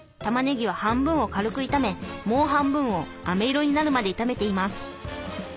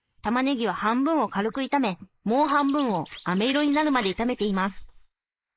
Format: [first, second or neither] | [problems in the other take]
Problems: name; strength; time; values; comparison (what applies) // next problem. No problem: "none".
first | noise reduction (neural mask model Resemble Enhance denoiser)